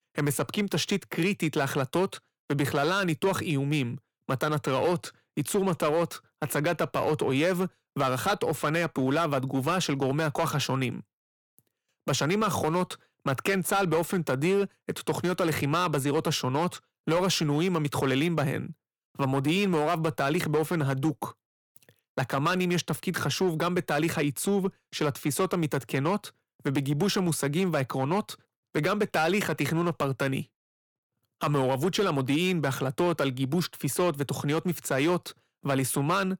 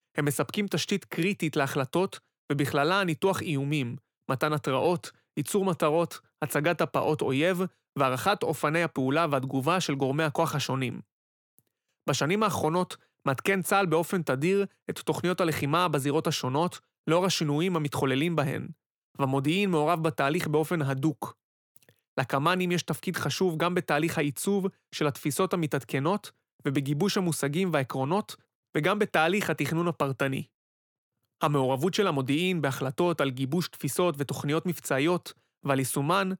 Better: second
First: distortion; slight; 6% of the sound clipped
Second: none

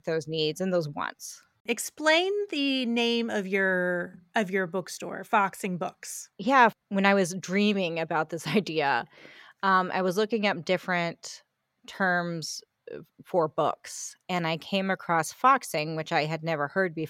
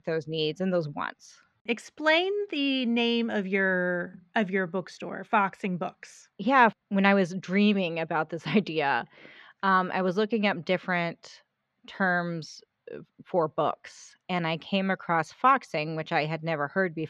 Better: first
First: none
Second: muffled; very slightly; fading above 3 kHz

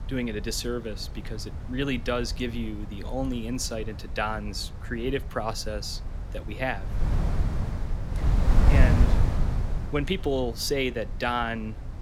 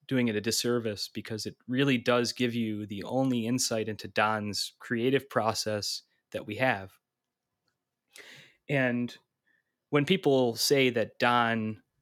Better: second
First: wind noise on the microphone; heavy; 10 dB below the speech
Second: none

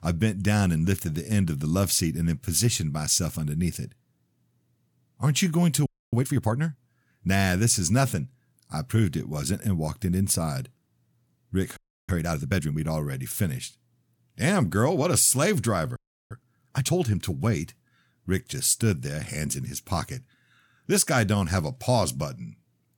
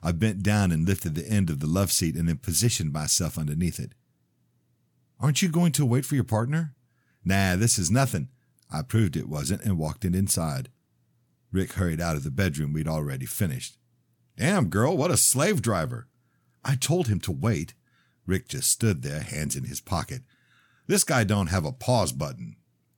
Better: second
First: audio freezing; at 6 s, at 12 s and at 16 s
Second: none

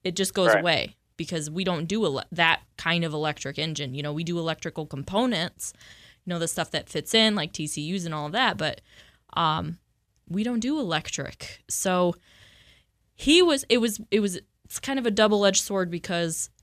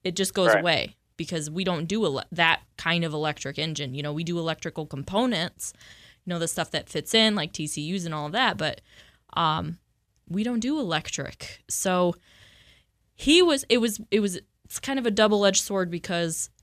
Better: neither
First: none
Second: none

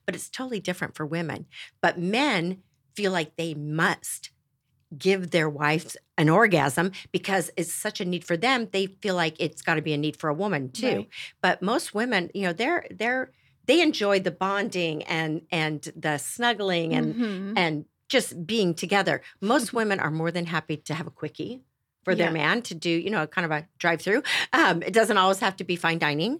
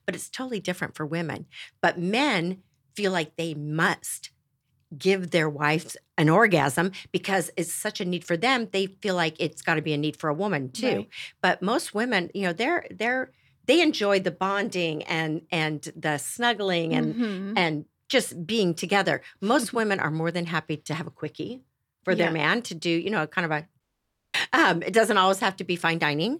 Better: first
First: none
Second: audio cutting out; at 24 s for 0.5 s

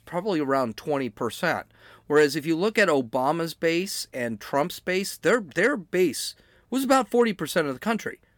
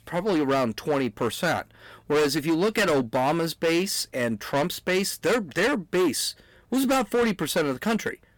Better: first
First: none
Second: distortion; heavy; 13% of the sound clipped

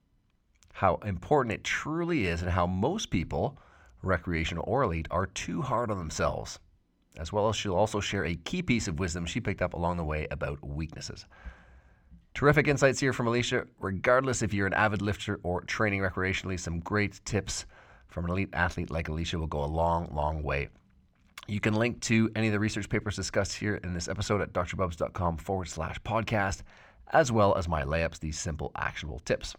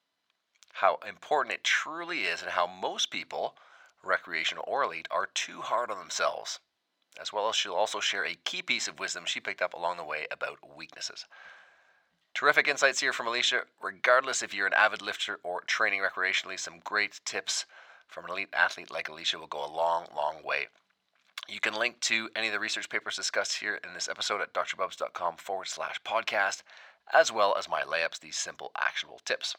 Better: first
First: none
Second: thin; very; fading below 700 Hz

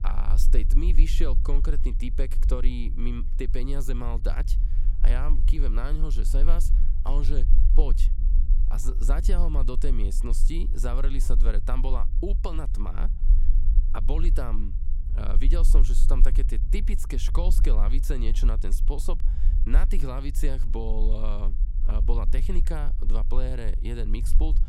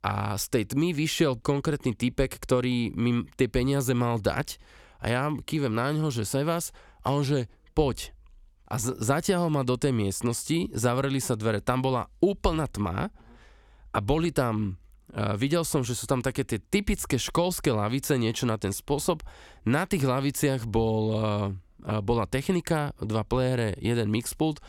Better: second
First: low rumble; noticeable; throughout; 10 dB below the speech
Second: none

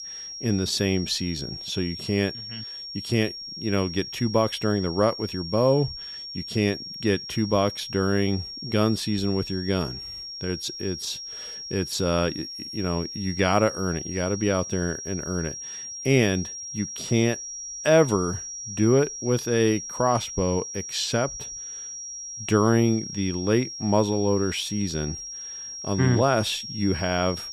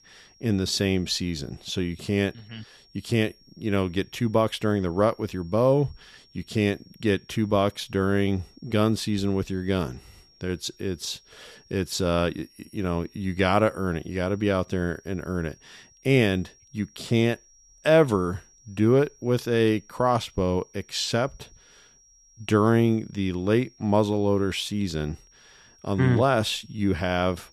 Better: second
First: high-pitched whine; loud; throughout; 5.5 kHz, 8 dB below the speech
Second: high-pitched whine; faint; throughout; 5.5 kHz, 30 dB below the speech

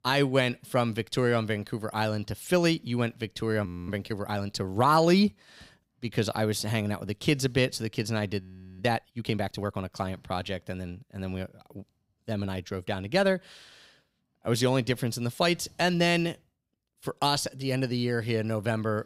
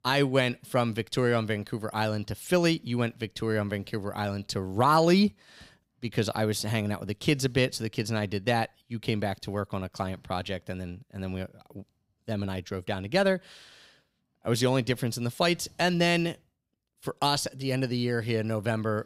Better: second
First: audio freezing; at 3.5 s and at 8.5 s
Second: none

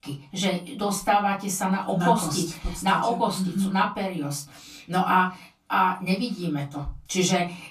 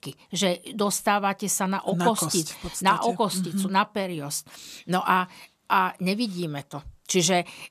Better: second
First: off-mic speech; far // room echo; very slight; dies away in 0.3 s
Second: none

